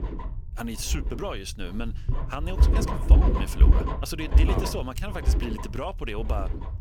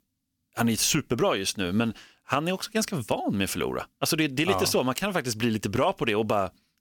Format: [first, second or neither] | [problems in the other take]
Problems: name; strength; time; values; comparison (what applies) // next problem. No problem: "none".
second | low rumble; loud; throughout; 2 dB below the speech